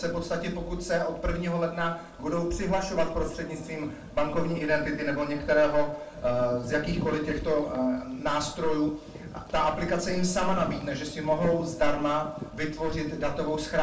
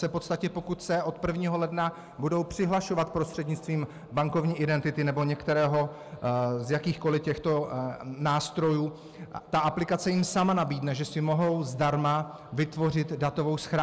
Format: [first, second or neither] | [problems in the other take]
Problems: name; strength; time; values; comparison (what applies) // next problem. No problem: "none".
second | background sound (Bird vocalization, bird call, bird song); 16 dB below the speech // room echo; dies away in 0.4 s